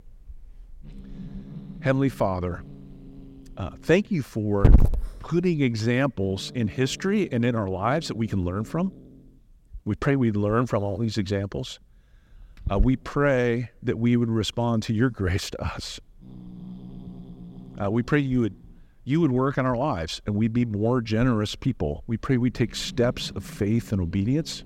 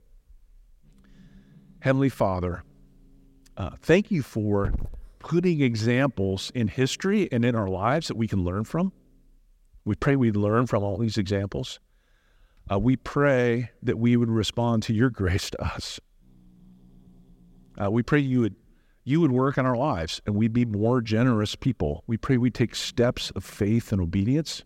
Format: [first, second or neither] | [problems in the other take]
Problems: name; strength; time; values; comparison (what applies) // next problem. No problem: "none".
second | hiss; loud; throughout; 7 dB below the speech; faint in the second